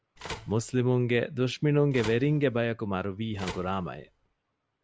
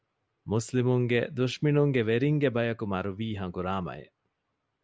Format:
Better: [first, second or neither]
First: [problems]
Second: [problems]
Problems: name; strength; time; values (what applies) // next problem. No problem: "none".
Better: second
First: background sound (Telephone); 16 dB below the speech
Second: none